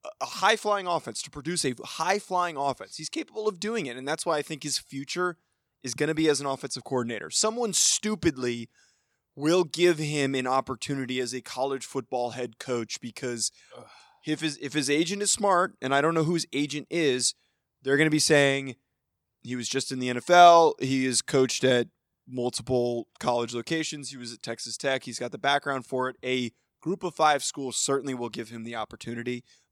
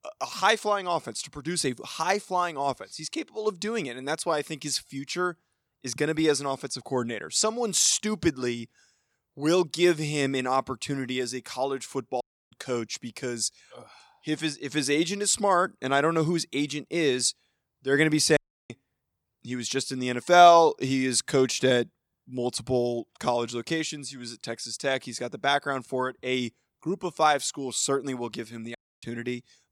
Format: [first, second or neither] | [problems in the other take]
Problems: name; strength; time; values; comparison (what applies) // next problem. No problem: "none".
first | audio cutting out; at 12 s, at 18 s and at 29 s